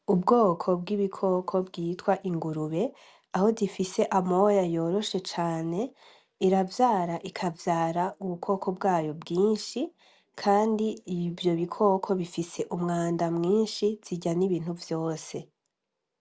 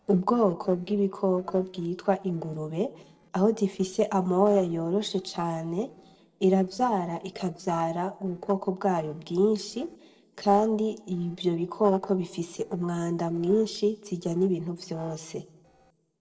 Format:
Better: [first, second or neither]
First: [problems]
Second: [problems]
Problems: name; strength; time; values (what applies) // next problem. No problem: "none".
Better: first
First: none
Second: noise reduction (neural separator model SepFormer DNS4)